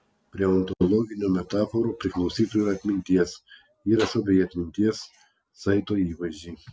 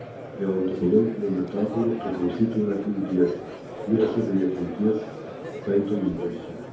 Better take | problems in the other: first | background sound (Crowd); 11 dB below the speech // room echo; dies away in 2.1 s

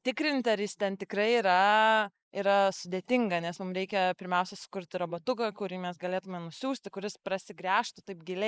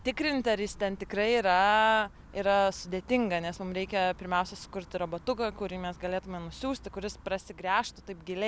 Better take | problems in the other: second | noise reduction (neural mask model Resemble Enhance denoiser)

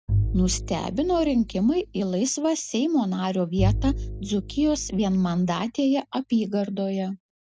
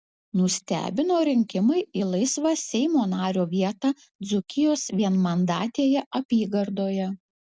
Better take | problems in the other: second | background sound (Bowed string instrument); 7 dB below the speech

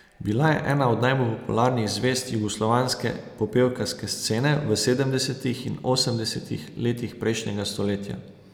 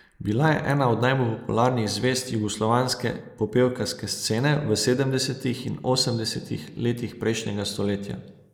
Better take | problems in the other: first | noise reduction (neural mask model Resemble Enhance denoiser)

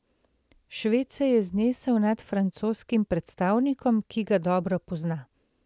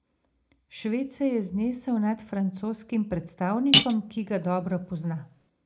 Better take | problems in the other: first | background sound (Cutlery, silverware); as loud as the speech // room echo; dies away in 0.2 s

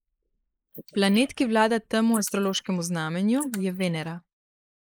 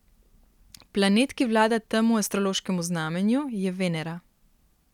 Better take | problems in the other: second | noise reduction (neural mask model Resemble Enhance denoiser)

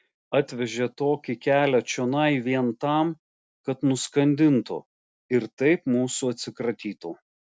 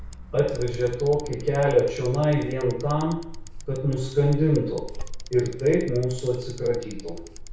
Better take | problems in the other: first | background sound (Bicycle); 11 dB below the speech // room echo; dies away in 0.6 s

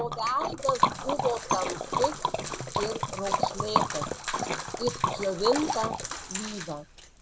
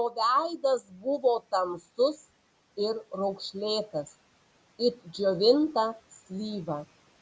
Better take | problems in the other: second | background sound (Liquid); 2 dB above the speech

